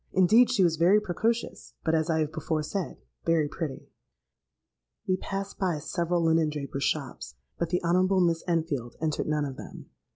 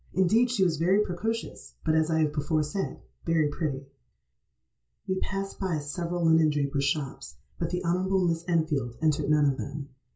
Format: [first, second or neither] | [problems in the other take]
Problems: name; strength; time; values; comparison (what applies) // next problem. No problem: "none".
first | room echo; dies away in 0.2 s